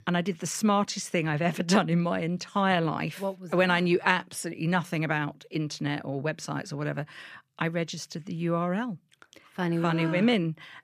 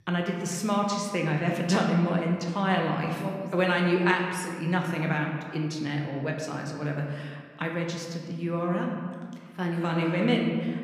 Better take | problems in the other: first | room echo; noticeable; dies away in 1.4 s

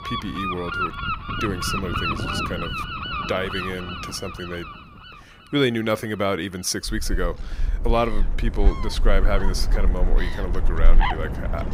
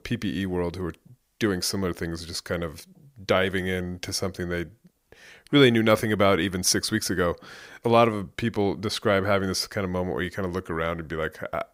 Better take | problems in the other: second | animal sounds; very loud; throughout; 1 dB above the speech

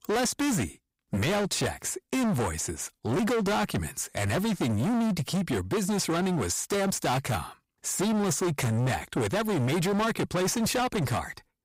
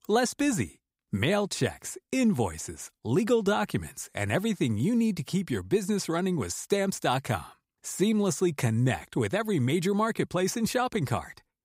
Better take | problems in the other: second | distortion; heavy; 30% of the sound clipped

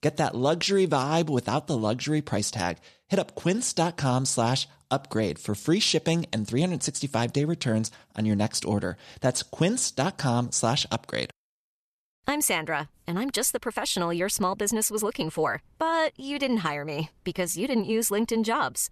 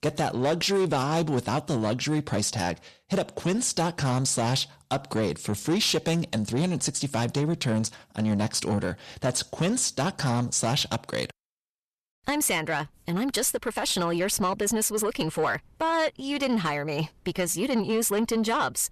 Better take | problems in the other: first | distortion; slight; 10 dB below the speech

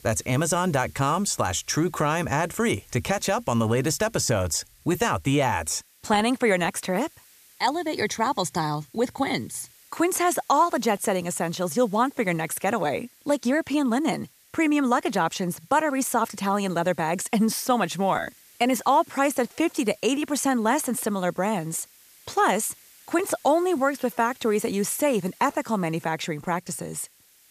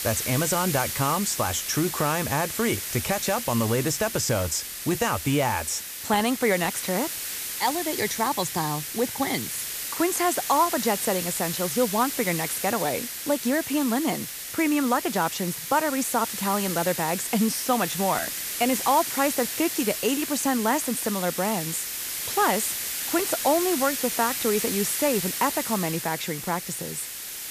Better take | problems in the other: first | hiss; loud; throughout; 4 dB below the speech; faint in the first

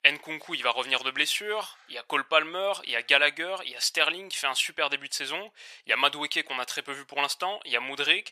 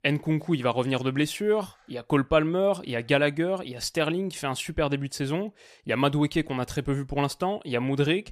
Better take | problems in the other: second | thin; very; fading below 900 Hz

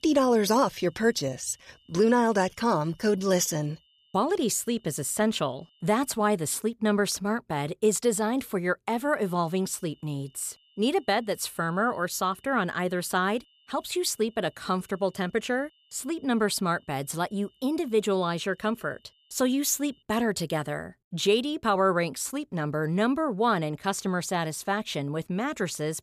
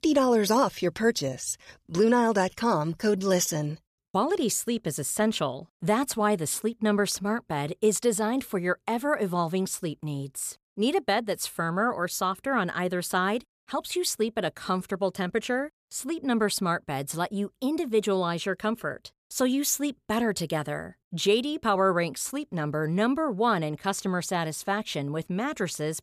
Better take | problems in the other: second | high-pitched whine; faint; until 6 s and from 9 to 20 s; 3 kHz, 35 dB below the speech

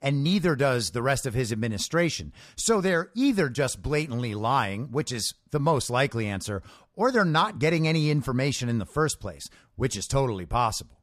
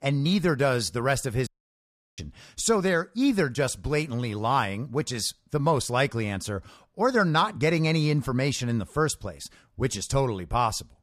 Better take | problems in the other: first | audio cutting out; at 1.5 s for 0.5 s

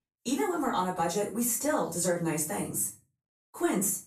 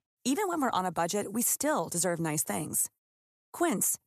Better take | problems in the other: second | off-mic speech; far // room echo; slight; dies away in 0.3 s

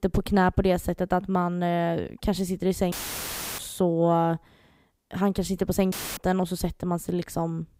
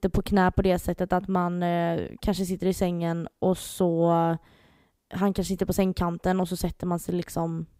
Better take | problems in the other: second | audio cutting out; filled with static; at 3 s for 0.5 s and at 6 s

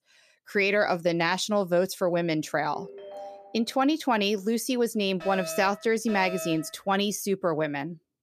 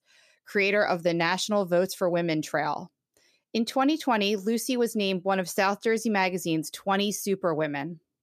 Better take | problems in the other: second | phone ringing; faint; at 2.5 s; peak 15 dB below the speech // alarm; noticeable; from 5 to 6.5 s; peak 9 dB below the speech

